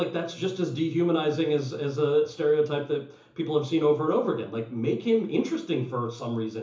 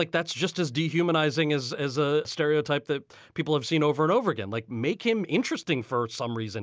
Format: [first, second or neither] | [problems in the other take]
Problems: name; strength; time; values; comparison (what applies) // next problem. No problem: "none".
second | room echo; dies away in 0.7 s